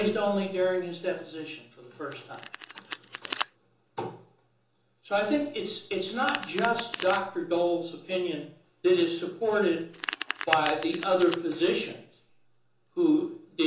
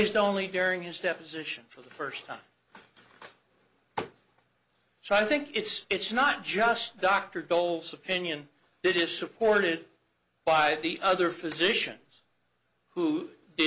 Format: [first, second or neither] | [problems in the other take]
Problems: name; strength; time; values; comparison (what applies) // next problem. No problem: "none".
second | background sound (Domestic sounds, home sounds); 12 dB below the speech // room echo; dies away in 0.6 s